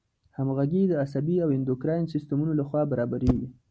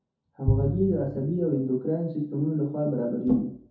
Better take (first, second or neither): first